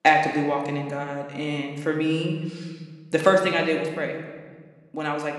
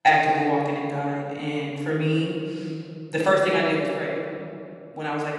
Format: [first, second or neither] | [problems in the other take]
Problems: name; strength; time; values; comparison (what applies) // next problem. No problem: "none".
first | room echo; strong; dies away in 2.2 s; slight in the first // off-mic speech; far; somewhat distant in the first